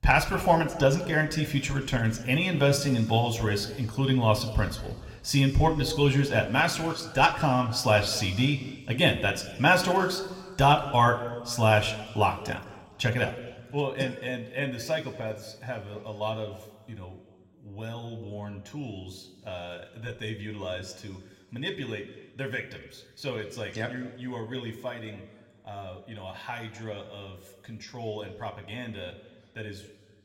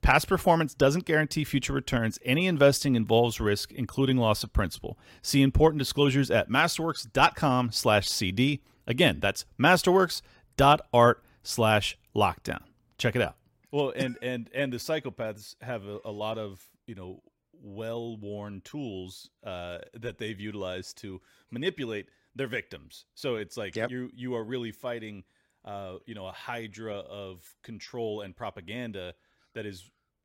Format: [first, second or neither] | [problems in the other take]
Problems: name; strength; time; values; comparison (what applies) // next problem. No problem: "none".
second | room echo; slight; dies away in 1.4 s